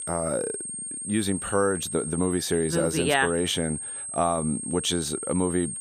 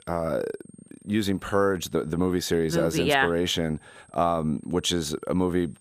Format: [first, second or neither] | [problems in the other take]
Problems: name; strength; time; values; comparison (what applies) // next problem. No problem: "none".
second | high-pitched whine; loud; throughout; 8.5 kHz, 5 dB below the speech; faint in the second